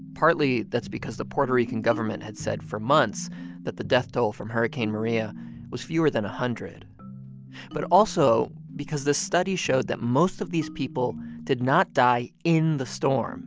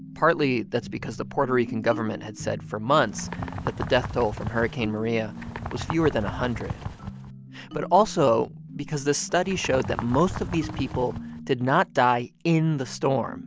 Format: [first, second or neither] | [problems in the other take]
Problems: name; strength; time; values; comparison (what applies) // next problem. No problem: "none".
first | background sound (Bird); 9 dB below the speech